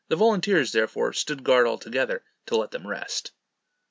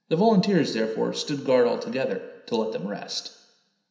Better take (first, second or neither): first